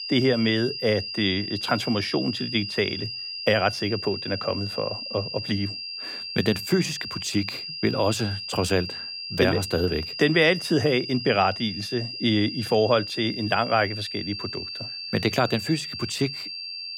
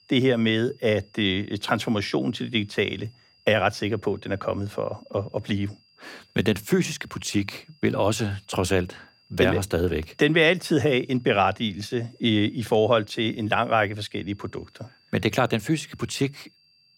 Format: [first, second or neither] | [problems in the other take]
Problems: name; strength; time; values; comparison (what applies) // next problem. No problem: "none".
second | high-pitched whine; loud; throughout; 5 kHz, 7 dB below the speech; faint in the second